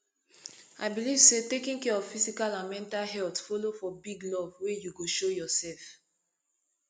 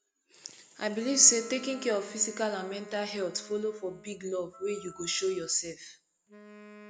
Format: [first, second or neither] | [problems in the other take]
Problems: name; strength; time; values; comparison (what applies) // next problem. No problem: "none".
first | background sound (Wind instrument, woodwind instrument + Wind instrument, woodwind instrument); 19 dB below the speech